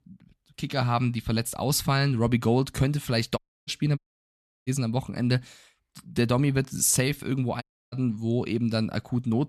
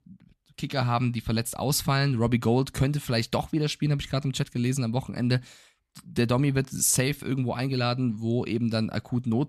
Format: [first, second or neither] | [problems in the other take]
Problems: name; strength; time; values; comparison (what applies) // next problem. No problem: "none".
second | audio cutting out; at 3.5 s, at 4 s for 0.5 s and at 7.5 s